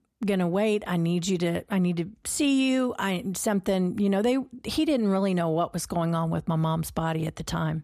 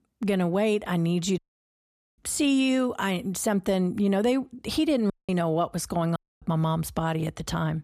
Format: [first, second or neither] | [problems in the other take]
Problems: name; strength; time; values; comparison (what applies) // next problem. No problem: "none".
first | audio cutting out; at 1.5 s for 1 s, at 5 s and at 6 s